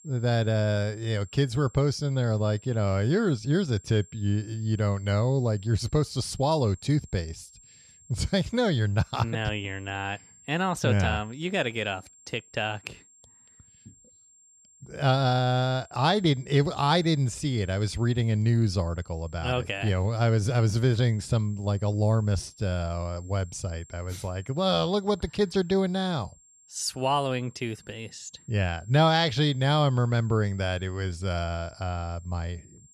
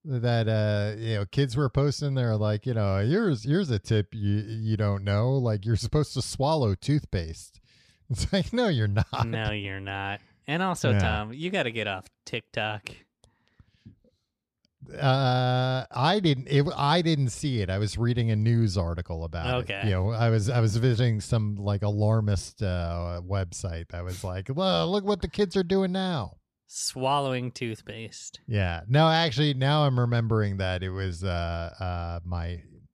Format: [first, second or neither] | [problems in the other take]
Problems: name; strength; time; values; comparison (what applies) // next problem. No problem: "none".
second | high-pitched whine; faint; throughout; 7.5 kHz, 25 dB below the speech